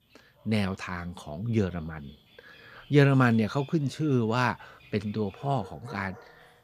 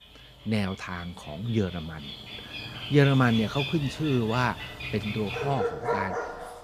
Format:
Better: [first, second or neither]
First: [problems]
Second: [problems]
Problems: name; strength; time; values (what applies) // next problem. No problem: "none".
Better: first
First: animal sounds; faint; throughout; 25 dB below the speech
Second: animal sounds; loud; throughout; 7 dB below the speech